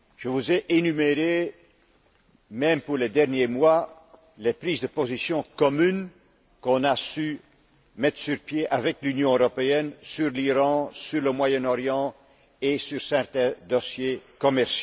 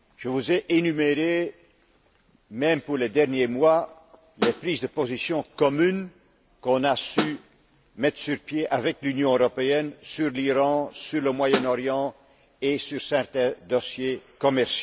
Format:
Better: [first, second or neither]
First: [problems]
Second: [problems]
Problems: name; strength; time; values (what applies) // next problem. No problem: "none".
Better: first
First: none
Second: background sound (Snare drum); 4 dB below the speech